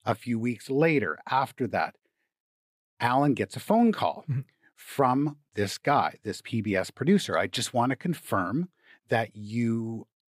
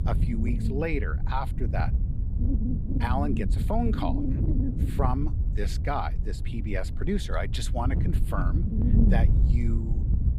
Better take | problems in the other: first | wind noise on the microphone; heavy; 6 dB below the speech

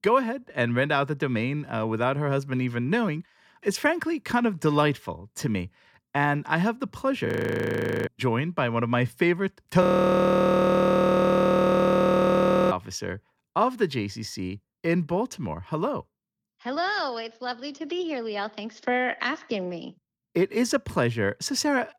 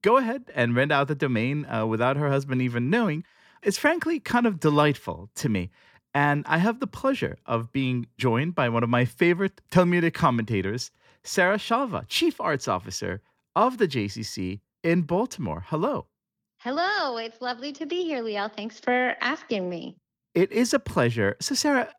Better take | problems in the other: second | audio freezing; at 7.5 s for 1 s and at 10 s for 3 s

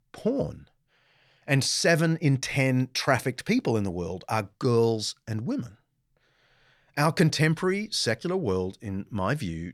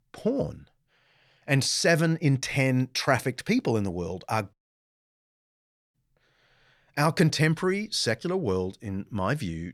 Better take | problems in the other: first | audio cutting out; at 4.5 s for 1.5 s

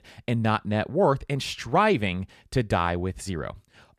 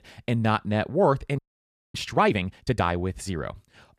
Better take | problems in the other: first | audio freezing; at 1.5 s for 0.5 s

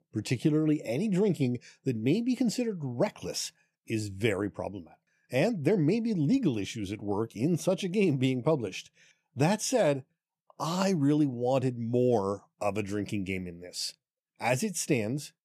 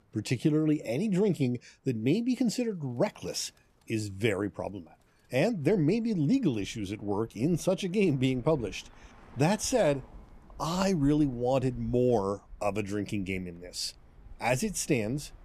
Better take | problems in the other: first | animal sounds; faint; throughout; 25 dB below the speech

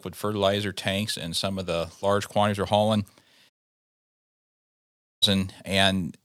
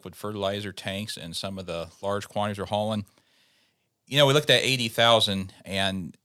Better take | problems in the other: second | audio cutting out; at 3.5 s for 1.5 s

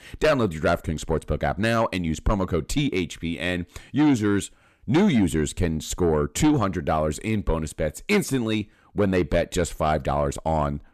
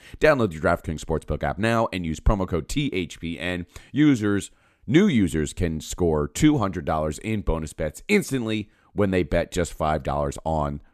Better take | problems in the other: second | distortion; slight; 10 dB below the speech

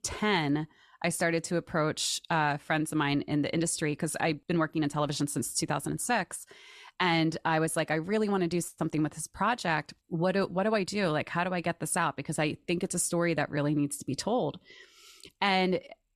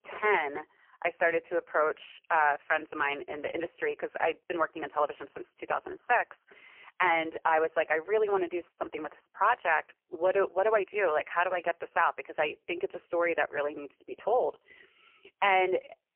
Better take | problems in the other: first | phone-call audio; poor line; nothing above 3 kHz

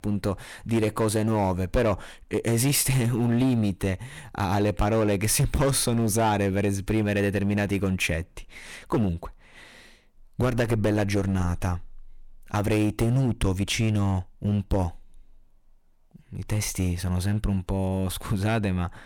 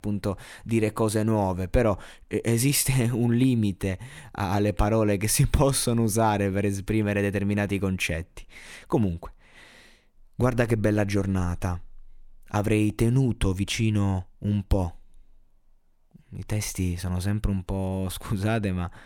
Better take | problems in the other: second | distortion; slight; 8% of the sound clipped

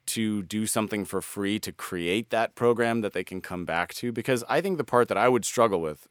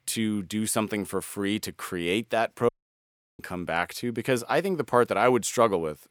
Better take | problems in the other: first | audio cutting out; at 2.5 s for 0.5 s

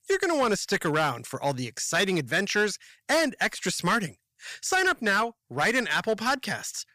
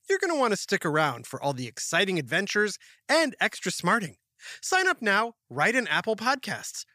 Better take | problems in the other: second | distortion; slight; 6% of the sound clipped

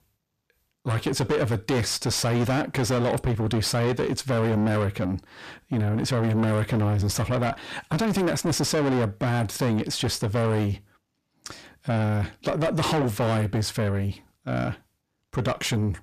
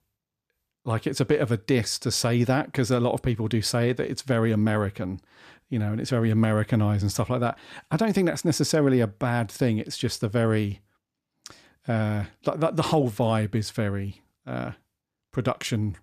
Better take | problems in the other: second | distortion; heavy; 6 dB below the speech

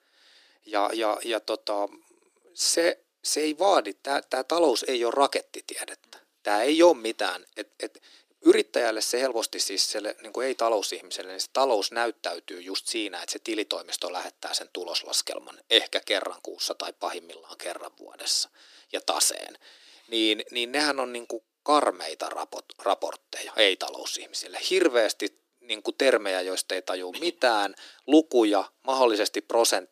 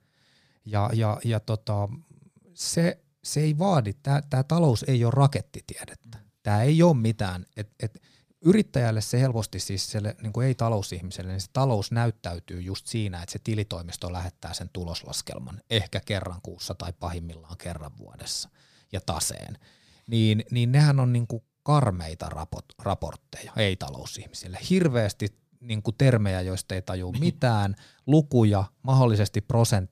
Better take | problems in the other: second | thin; very; fading below 300 Hz

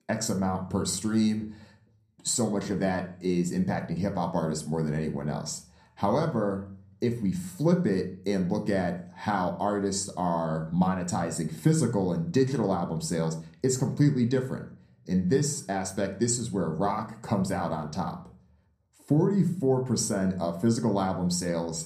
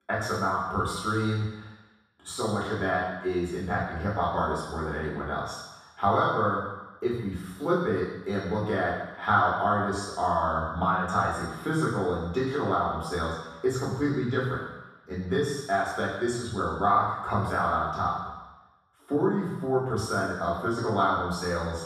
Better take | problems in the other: first | room echo; strong; dies away in 1.2 s; slight in the first // off-mic speech; far; somewhat distant in the first

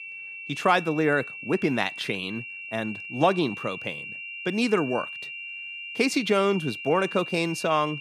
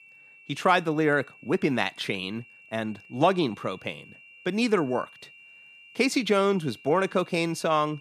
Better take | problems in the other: second | high-pitched whine; loud; throughout; 3 kHz, 9 dB below the speech; faint in the second

